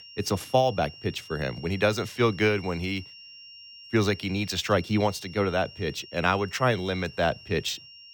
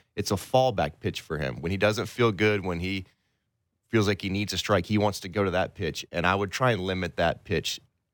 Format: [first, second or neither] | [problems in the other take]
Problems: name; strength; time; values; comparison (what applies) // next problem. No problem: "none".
second | high-pitched whine; noticeable; throughout; 3 kHz, 20 dB below the speech